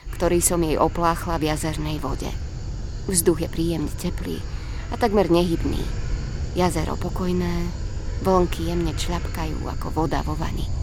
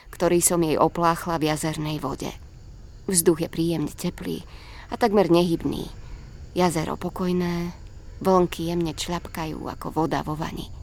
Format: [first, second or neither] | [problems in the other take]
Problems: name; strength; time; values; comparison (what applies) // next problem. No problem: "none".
second | animal sounds; loud; throughout; 8 dB below the speech; faint in the second